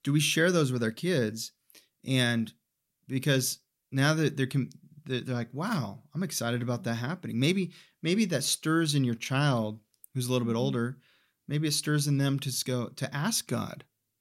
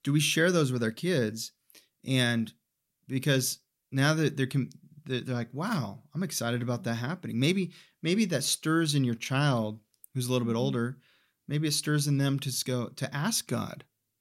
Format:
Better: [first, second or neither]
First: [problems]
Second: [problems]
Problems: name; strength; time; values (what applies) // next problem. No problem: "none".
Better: neither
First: none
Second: none